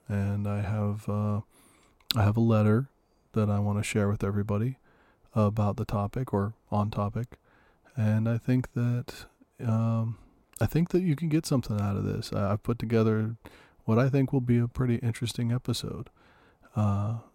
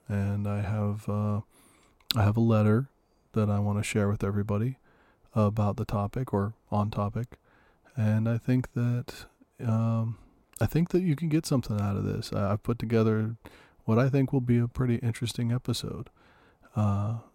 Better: neither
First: none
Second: none

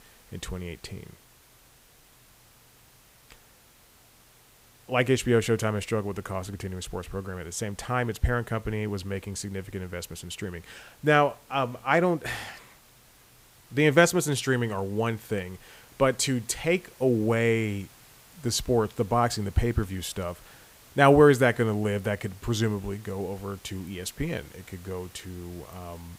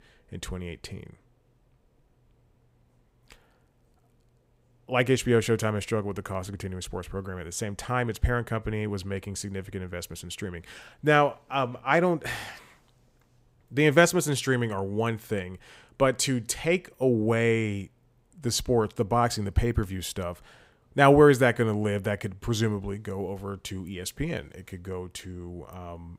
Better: second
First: hiss; faint; throughout; 25 dB below the speech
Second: none

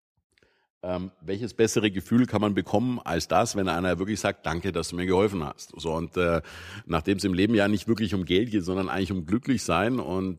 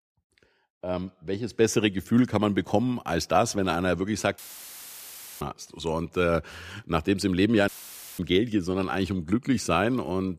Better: first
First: none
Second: audio cutting out; filled with static; at 4.5 s for 1 s and at 7.5 s for 0.5 s

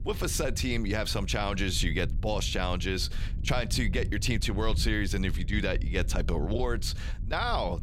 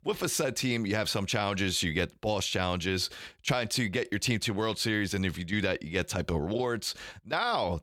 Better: second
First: wind noise on the microphone; occasional gusts; 20 dB below the speech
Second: none

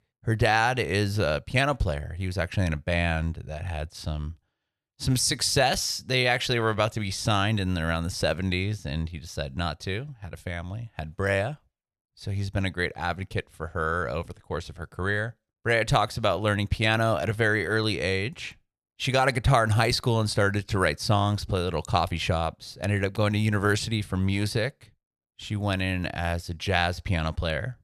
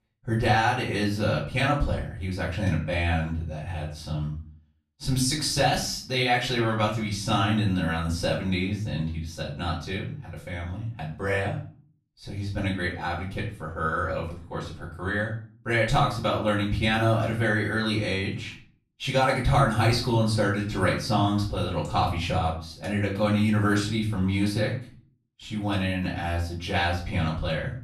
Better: first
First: none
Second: off-mic speech; far // room echo; slight; dies away in 0.4 s

